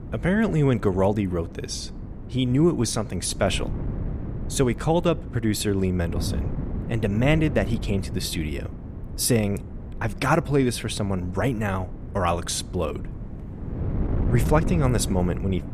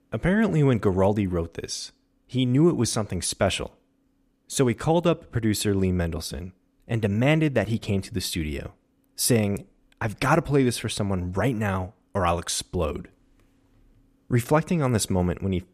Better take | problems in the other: second | wind noise on the microphone; occasional gusts; 15 dB below the speech

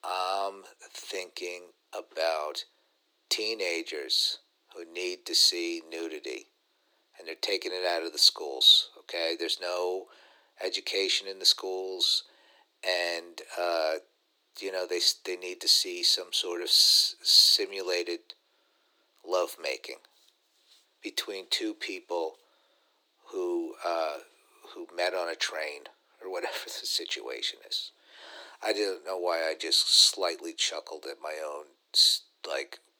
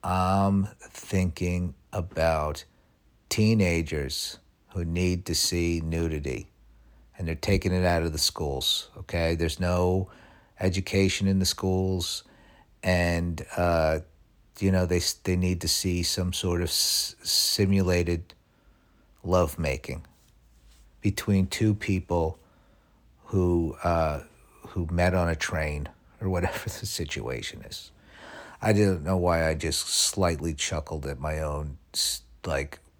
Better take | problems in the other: second | thin; very; fading below 350 Hz

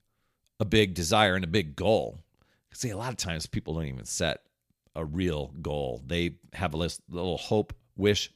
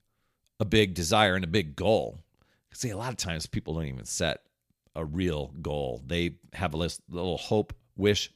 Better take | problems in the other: neither | none

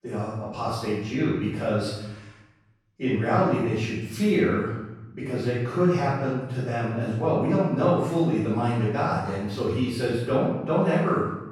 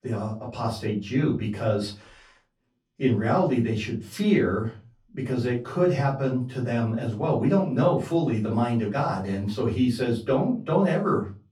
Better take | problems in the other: second | room echo; strong; dies away in 0.8 s; slight in the second // off-mic speech; far; far in the second

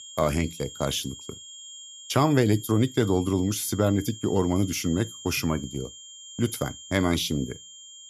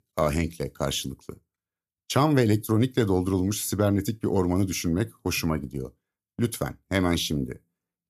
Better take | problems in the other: second | high-pitched whine; noticeable; throughout; 3 kHz, 15 dB below the speech

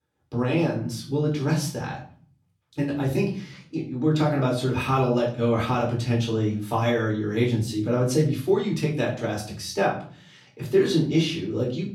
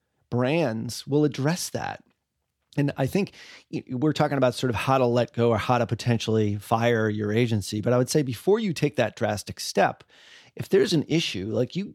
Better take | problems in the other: second | off-mic speech; far // room echo; slight; dies away in 0.5 s

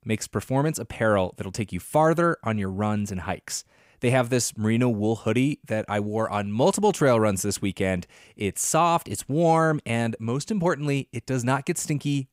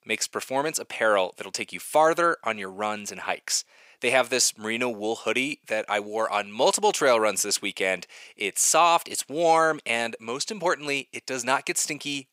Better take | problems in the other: first | thin; somewhat; fading below 450 Hz

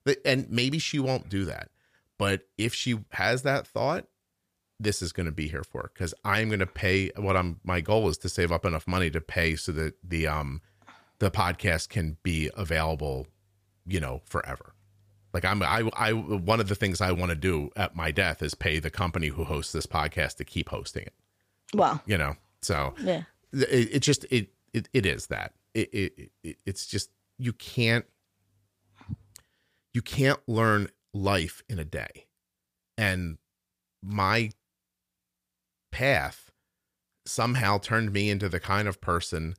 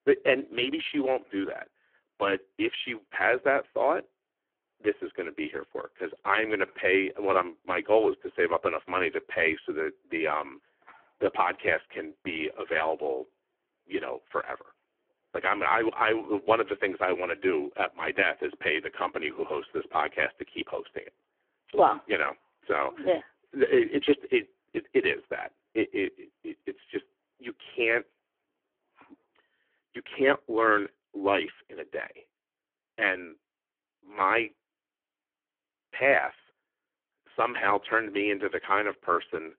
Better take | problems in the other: first | phone-call audio; poor line

